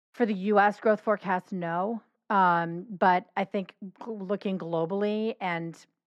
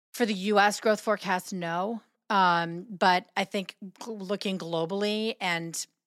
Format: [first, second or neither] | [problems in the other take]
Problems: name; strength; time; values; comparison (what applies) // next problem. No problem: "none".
second | muffled; very; fading above 3.5 kHz